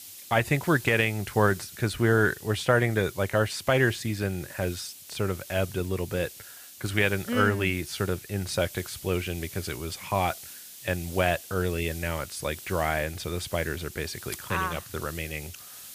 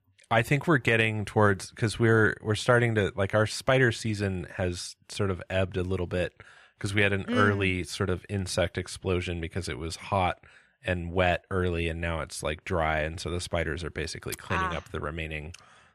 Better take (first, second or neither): second